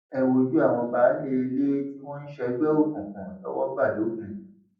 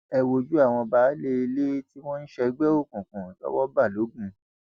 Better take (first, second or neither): second